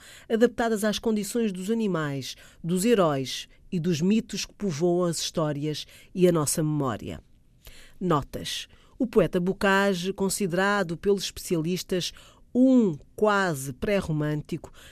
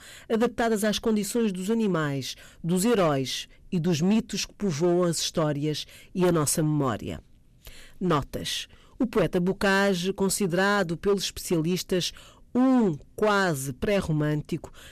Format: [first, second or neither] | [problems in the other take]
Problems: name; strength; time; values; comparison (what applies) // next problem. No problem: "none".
first | distortion; slight; 7% of the sound clipped